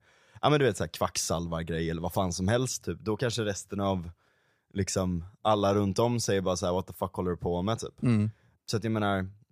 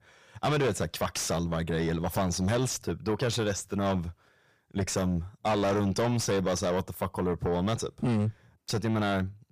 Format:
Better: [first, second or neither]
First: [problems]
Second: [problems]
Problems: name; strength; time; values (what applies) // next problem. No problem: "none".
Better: first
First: none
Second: distortion; heavy; 8 dB below the speech